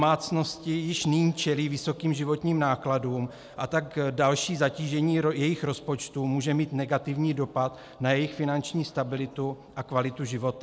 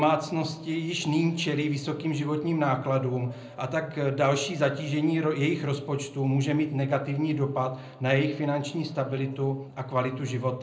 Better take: first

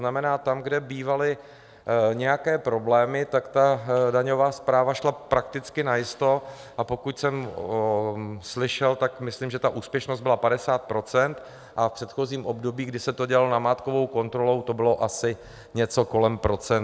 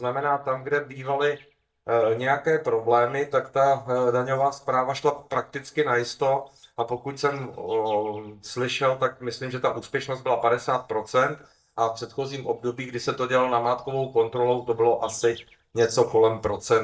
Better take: first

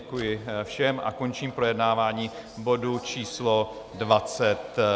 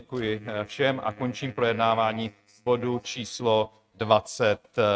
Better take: first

